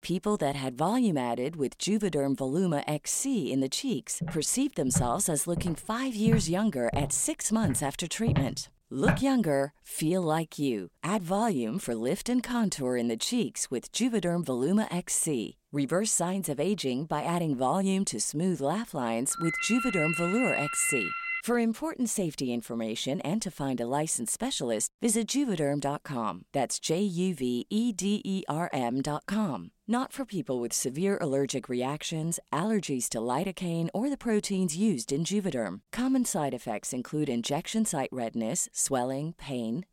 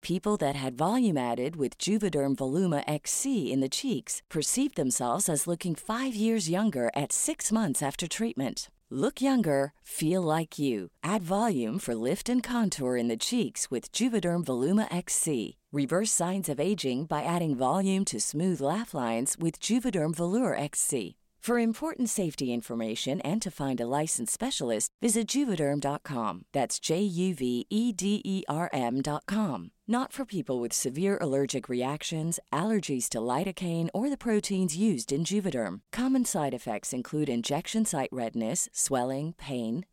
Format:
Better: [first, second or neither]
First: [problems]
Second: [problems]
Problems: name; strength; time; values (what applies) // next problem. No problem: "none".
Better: second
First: footsteps; loud; from 4 to 9 s; peak level with the speech // phone ringing; noticeable; from 19 to 21 s; peak level with the speech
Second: none